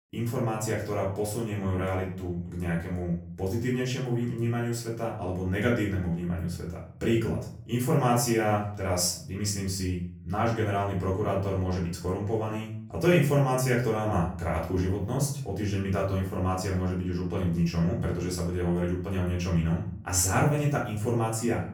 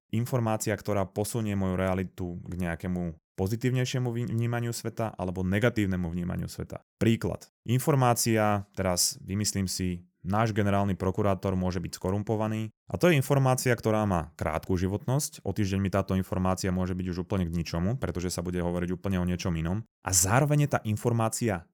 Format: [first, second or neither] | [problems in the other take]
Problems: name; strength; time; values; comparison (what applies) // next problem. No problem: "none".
second | room echo; slight; dies away in 0.5 s // off-mic speech; far